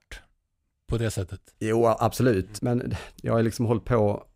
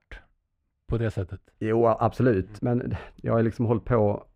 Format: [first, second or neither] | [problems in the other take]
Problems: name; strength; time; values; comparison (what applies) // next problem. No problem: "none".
first | muffled; very; fading above 4 kHz